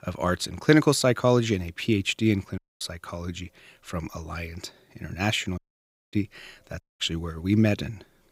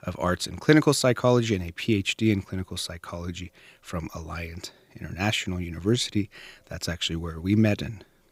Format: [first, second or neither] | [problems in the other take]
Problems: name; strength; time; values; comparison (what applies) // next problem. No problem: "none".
second | audio cutting out; at 2.5 s, at 5.5 s for 0.5 s and at 7 s